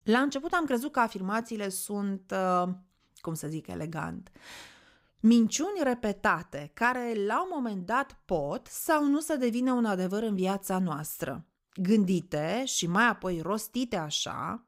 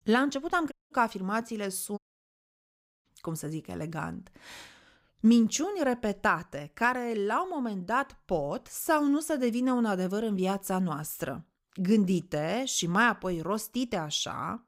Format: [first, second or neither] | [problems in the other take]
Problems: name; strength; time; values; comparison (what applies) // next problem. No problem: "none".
first | audio cutting out; at 0.5 s and at 2 s for 1 s